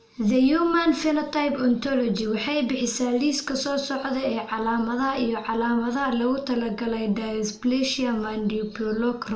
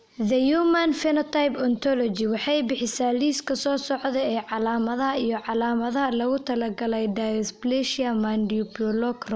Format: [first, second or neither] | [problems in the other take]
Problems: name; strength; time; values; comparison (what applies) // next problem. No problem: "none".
second | room echo; dies away in 0.3 s